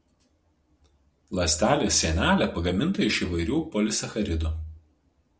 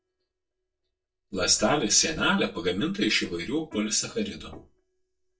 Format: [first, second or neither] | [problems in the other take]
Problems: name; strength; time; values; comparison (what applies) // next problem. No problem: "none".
first | noise reduction (neural mask model DeepFilterNet 3)